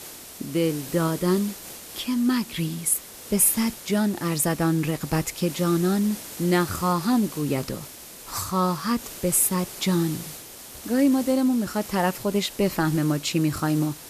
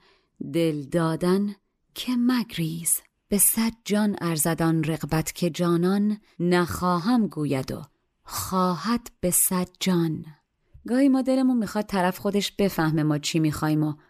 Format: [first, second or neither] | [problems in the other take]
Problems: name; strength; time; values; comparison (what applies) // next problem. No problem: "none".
second | hiss; noticeable; throughout; 15 dB below the speech